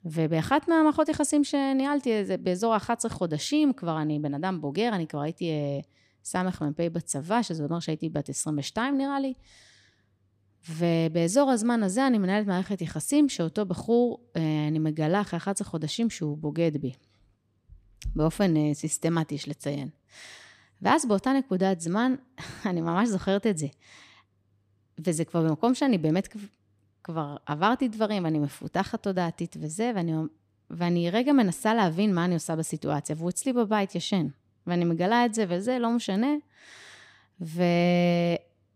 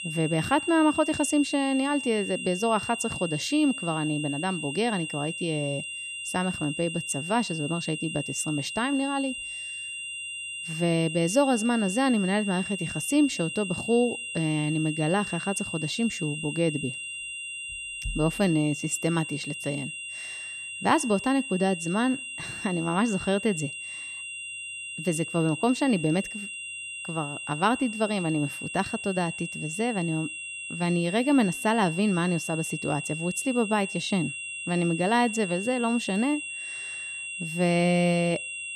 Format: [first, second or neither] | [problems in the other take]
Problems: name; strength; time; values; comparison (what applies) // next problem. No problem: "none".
first | high-pitched whine; loud; throughout; 3 kHz, 6 dB below the speech